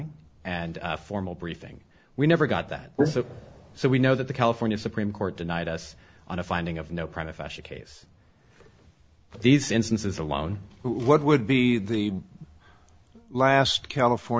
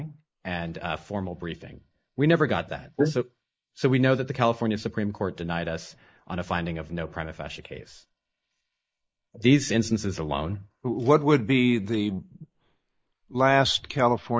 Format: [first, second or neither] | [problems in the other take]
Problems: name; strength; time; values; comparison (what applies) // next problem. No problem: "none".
first | noise reduction (neural mask model Resemble Enhance denoiser)